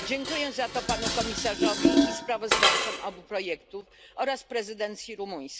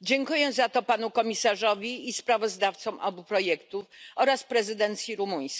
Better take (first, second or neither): second